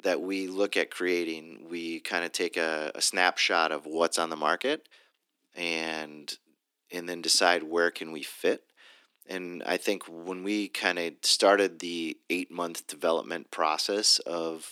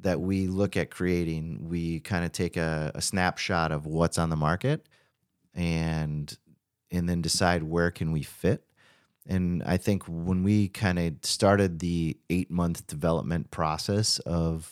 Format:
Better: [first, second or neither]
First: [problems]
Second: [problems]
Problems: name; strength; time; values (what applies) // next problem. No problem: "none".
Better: second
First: thin; somewhat; fading below 250 Hz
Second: none